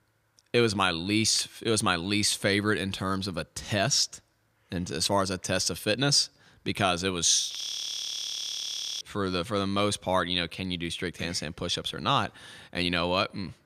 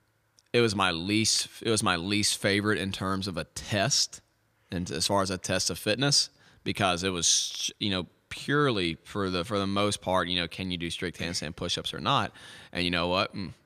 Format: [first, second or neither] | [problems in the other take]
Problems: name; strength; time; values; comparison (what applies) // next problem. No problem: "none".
second | audio freezing; at 7.5 s for 1.5 s